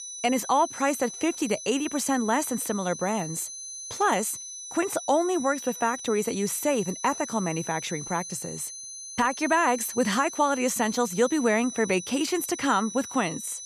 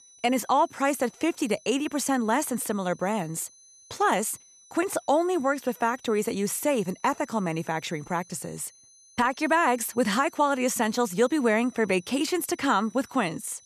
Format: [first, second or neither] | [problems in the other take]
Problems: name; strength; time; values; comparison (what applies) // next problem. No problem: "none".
second | high-pitched whine; loud; throughout; 6 kHz, 10 dB below the speech; faint in the second